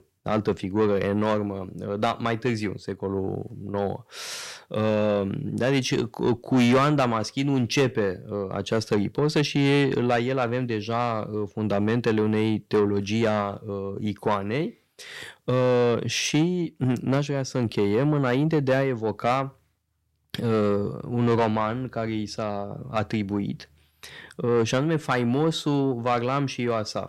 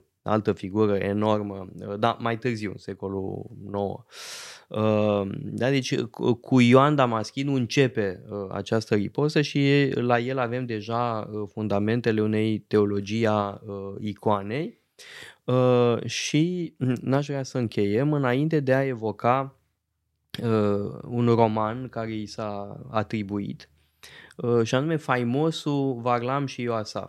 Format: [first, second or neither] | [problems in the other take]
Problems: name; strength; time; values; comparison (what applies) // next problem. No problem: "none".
second | distortion; slight; 10 dB below the speech